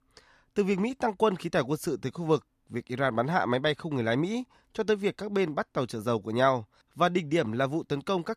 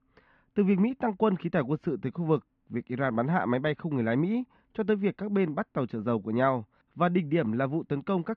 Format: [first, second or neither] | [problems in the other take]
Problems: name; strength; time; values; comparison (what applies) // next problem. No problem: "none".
first | muffled; very; fading above 3 kHz